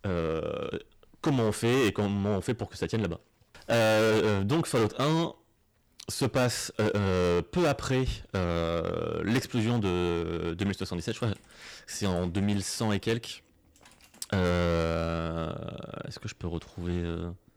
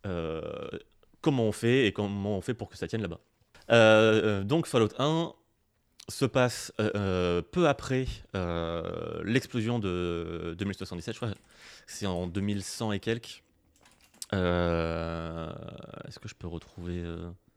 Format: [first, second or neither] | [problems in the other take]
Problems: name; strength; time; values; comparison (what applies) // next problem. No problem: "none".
second | distortion; heavy; 9% of the sound clipped